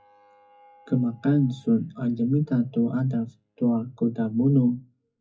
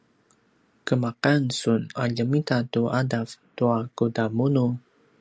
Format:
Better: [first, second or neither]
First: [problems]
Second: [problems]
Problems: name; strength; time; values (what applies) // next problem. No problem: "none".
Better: second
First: noise reduction (classical method WPE with log-MMSE)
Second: none